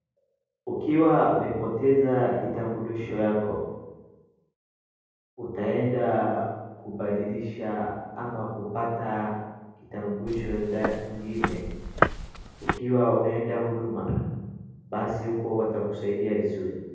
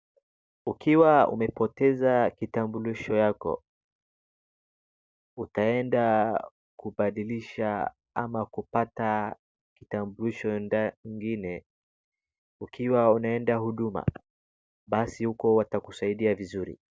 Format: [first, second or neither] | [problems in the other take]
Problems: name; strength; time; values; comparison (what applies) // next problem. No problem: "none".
second | background sound (Walk, footsteps); 3 dB below the speech // room echo; dies away in 1.3 s